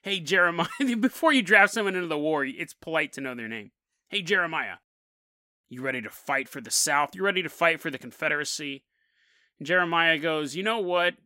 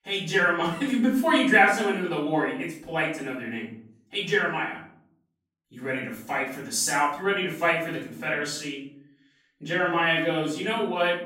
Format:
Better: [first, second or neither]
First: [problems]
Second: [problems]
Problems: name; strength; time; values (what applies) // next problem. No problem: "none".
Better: first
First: none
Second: off-mic speech; far // room echo; noticeable; dies away in 0.6 s